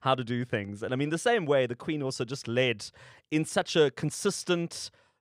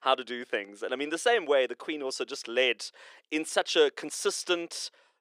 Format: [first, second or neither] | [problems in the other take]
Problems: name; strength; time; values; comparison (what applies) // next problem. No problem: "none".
first | thin; somewhat; fading below 350 Hz